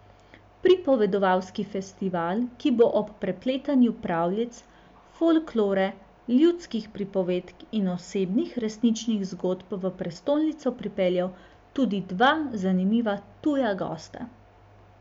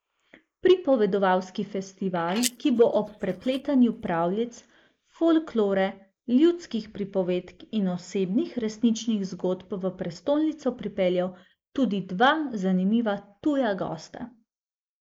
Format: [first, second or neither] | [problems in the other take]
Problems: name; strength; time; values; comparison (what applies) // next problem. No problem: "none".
first | noise reduction (neural mask model Resemble Enhance denoiser)